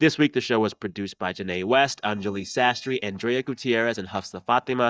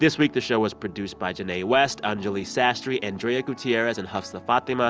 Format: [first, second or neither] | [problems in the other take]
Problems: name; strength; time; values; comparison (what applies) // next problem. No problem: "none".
second | noise reduction (neural mask model DeepFilterNet 3)